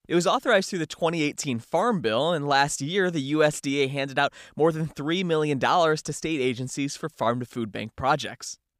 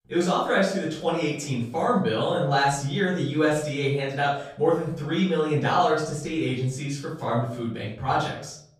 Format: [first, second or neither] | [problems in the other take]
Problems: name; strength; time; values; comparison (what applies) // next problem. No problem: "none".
first | off-mic speech; far // room echo; noticeable; dies away in 0.6 s